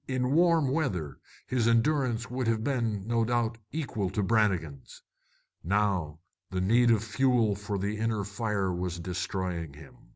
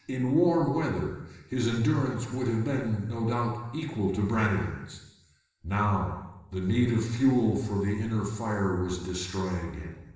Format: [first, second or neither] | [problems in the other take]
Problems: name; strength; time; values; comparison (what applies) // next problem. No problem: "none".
first | room echo; dies away in 1.1 s